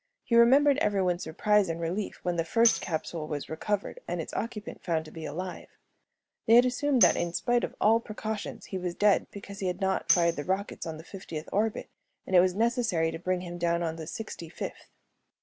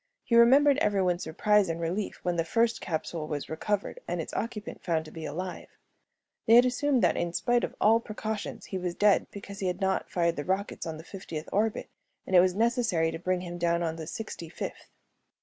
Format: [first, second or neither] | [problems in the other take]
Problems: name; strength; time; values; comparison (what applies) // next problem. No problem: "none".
second | background sound (Tambourine); 8 dB below the speech